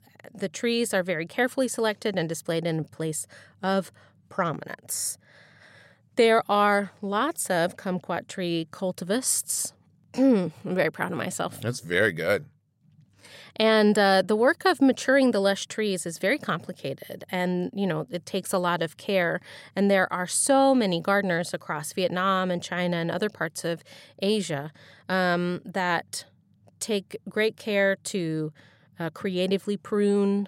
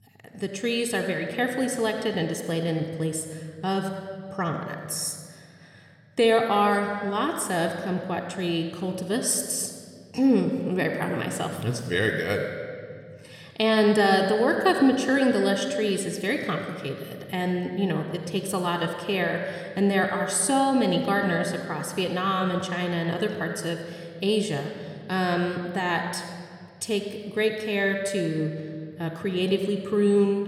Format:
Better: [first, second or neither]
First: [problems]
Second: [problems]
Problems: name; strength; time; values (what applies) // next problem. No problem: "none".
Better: first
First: none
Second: room echo; slight; dies away in 1.8 s